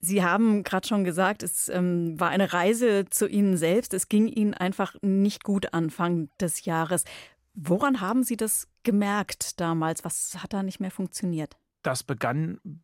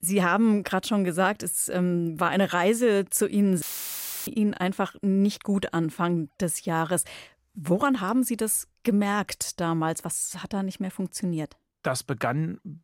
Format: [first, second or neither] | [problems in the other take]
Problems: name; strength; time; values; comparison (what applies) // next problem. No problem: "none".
first | audio cutting out; filled with static; at 3.5 s for 0.5 s